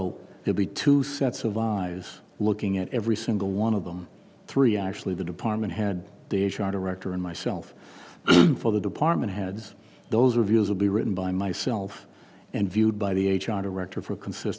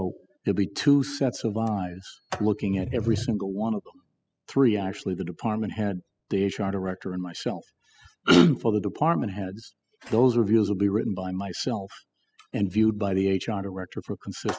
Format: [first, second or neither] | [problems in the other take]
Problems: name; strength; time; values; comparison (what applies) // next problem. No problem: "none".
first | noise reduction (classical method spectral subtraction)